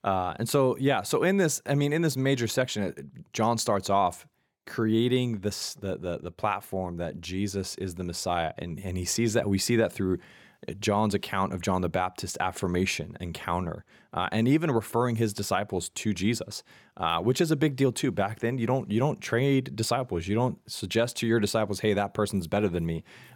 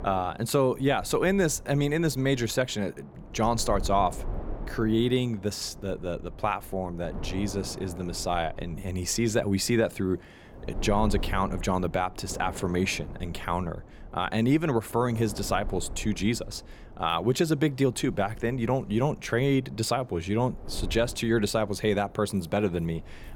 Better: first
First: none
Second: wind noise on the microphone; occasional gusts; 20 dB below the speech

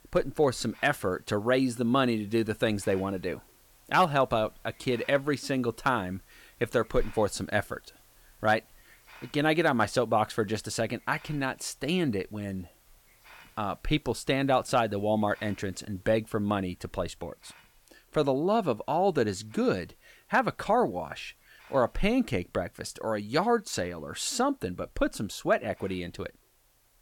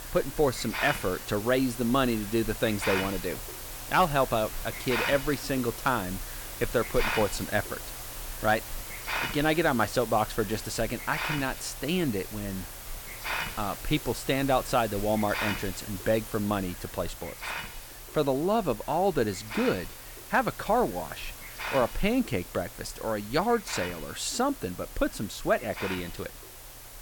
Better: first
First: hiss; faint; throughout; 30 dB below the speech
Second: hiss; loud; throughout; 8 dB below the speech

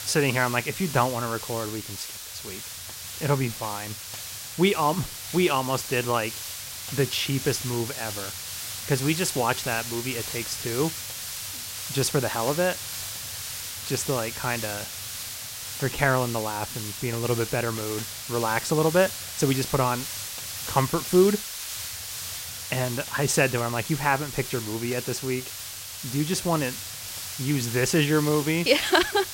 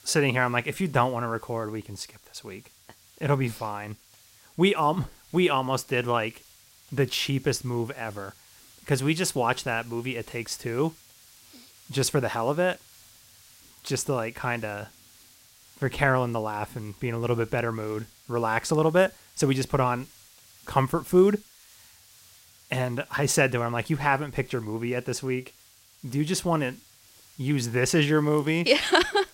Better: second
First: hiss; loud; throughout; 7 dB below the speech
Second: hiss; faint; throughout; 25 dB below the speech

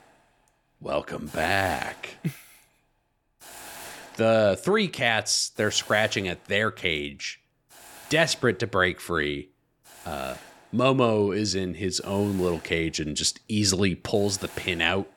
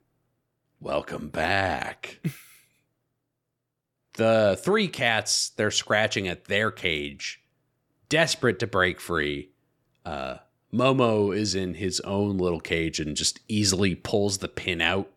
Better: second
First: hiss; noticeable; throughout; 20 dB below the speech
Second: none

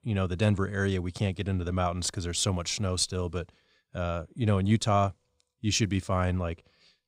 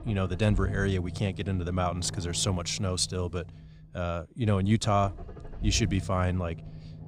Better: first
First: none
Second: low rumble; noticeable; throughout; 20 dB below the speech

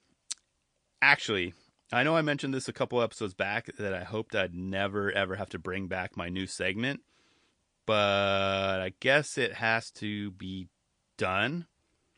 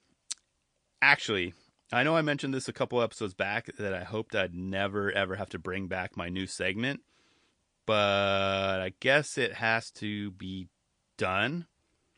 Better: neither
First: garbled, watery; slightly; nothing above 9 kHz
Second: garbled, watery; slightly; nothing above 9 kHz

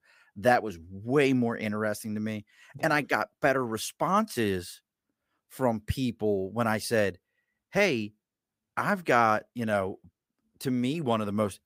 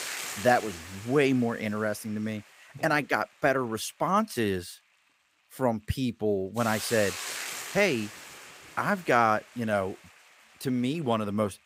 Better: first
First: none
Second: hiss; noticeable; throughout; 10 dB below the speech

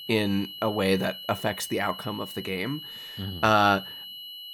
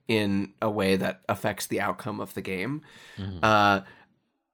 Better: second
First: high-pitched whine; noticeable; throughout; 3 kHz, 10 dB below the speech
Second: none

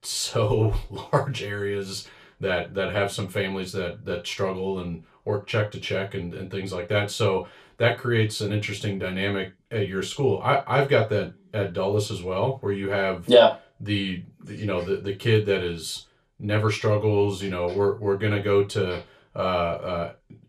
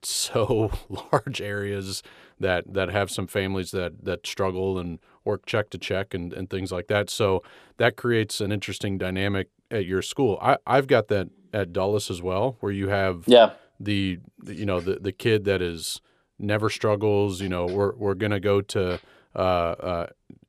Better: second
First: room echo; very slight; dies away in 0.2 s // off-mic speech; far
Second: none

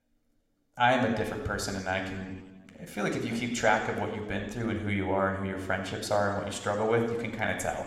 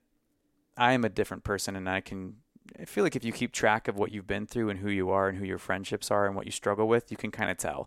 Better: second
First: room echo; slight; dies away in 1.1 s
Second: none

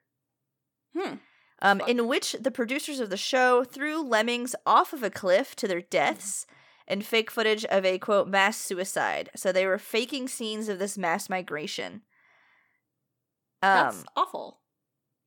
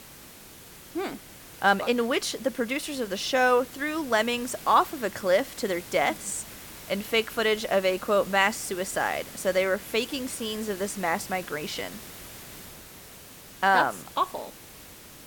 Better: first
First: none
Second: hiss; noticeable; throughout; 15 dB below the speech

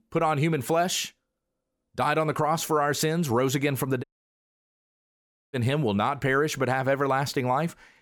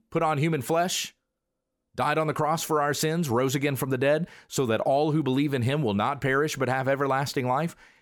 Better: second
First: audio cutting out; at 4 s for 1.5 s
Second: none

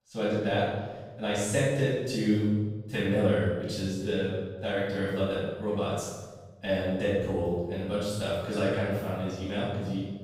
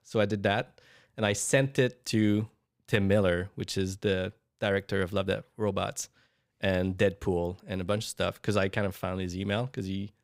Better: second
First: off-mic speech; far // room echo; strong; dies away in 1.2 s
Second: none

